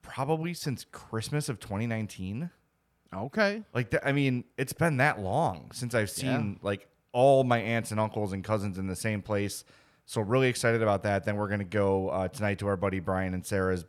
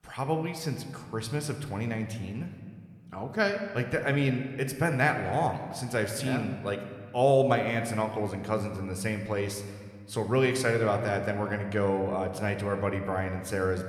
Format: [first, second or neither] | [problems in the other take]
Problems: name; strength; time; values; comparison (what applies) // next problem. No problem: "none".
first | room echo; slight; dies away in 1.4 s